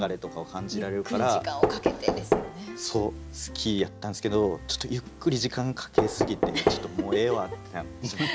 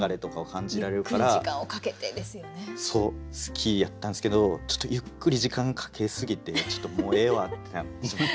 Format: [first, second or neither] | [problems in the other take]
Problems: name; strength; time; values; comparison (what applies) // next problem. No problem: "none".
second | background sound (Knock); 2 dB below the speech